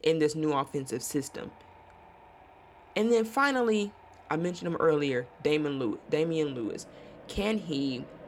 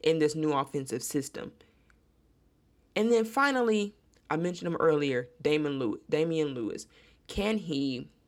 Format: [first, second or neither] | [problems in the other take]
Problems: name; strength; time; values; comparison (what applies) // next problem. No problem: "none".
second | machinery noise; faint; throughout; 25 dB below the speech